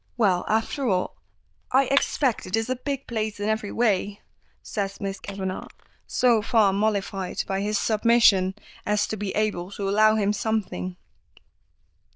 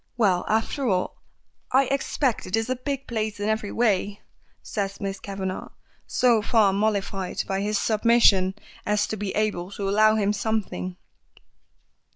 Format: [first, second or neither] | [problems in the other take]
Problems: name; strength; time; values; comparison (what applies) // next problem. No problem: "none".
second | noise reduction (neural diffusion model UNIVERSE++)